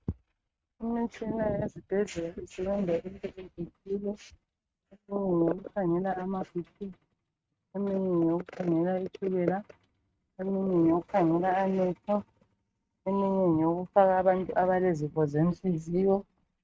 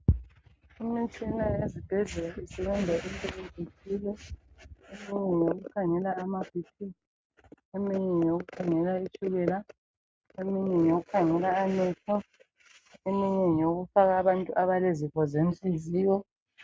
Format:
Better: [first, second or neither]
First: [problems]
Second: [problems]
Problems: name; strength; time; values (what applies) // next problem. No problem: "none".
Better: second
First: noise reduction (neural mask model RNNoise)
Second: none